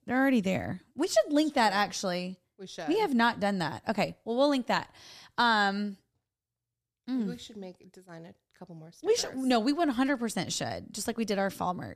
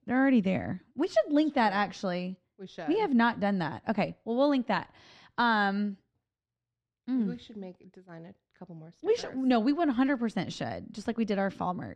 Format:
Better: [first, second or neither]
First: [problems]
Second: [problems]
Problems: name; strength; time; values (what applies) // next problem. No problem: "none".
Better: first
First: none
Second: muffled; slightly; fading above 3 kHz